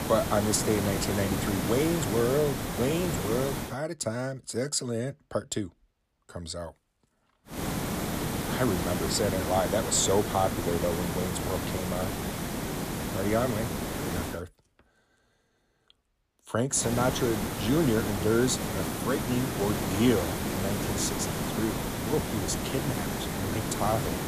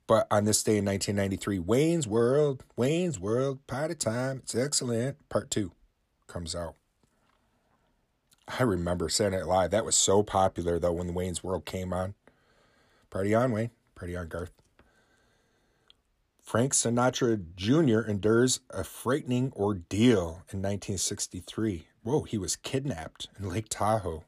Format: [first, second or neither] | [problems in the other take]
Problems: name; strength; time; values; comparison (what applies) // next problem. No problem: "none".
second | hiss; loud; until 3.5 s, from 7.5 to 14 s and from 17 s on; 2 dB below the speech